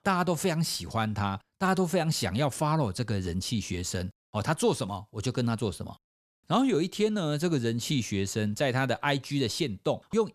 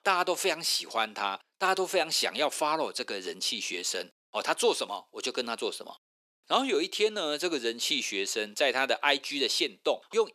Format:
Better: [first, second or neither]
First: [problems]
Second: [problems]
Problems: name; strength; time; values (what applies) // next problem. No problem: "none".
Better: first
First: none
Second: thin; very; fading below 350 Hz